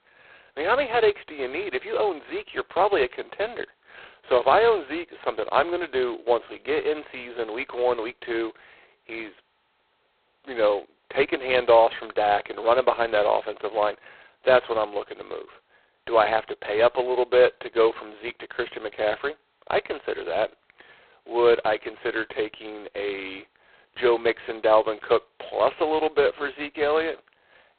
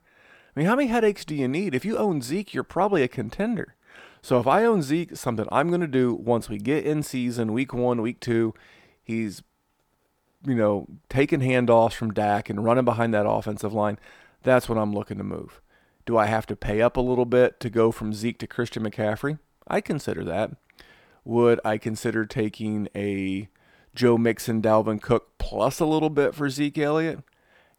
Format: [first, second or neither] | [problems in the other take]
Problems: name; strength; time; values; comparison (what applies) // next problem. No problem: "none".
second | phone-call audio; poor line; nothing above 4 kHz